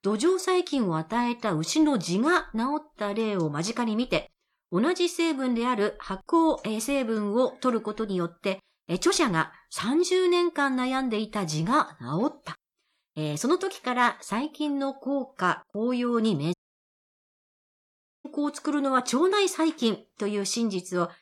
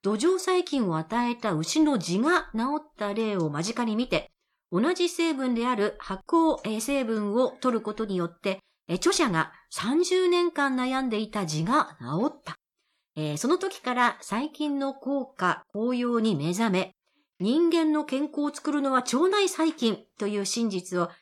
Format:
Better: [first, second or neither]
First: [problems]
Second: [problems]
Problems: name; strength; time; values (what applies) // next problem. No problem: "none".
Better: second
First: audio cutting out; at 17 s for 1.5 s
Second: none